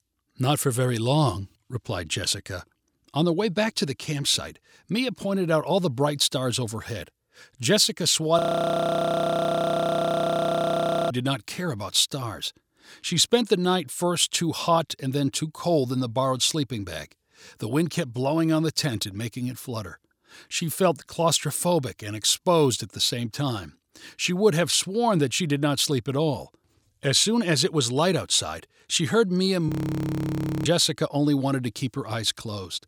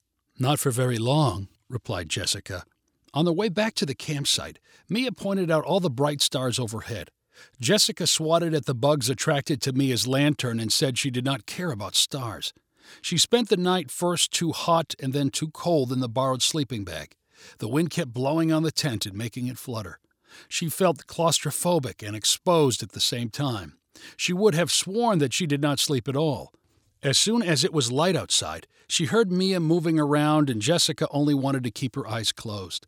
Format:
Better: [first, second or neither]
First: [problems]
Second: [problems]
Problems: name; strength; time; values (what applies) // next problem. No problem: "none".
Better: second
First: audio freezing; at 8.5 s for 2.5 s and at 30 s for 1 s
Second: none